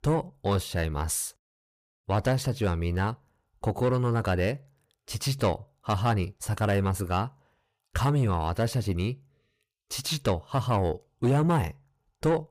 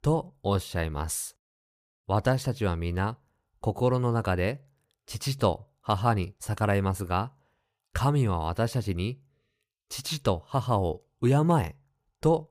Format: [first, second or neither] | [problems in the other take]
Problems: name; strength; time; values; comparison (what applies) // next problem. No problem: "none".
second | distortion; slight; 10 dB below the speech